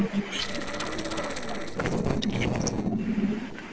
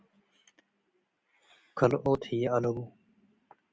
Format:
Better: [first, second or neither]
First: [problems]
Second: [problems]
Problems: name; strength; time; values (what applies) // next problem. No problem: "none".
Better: second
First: noise reduction (neural separator model SepFormer DNS4)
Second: none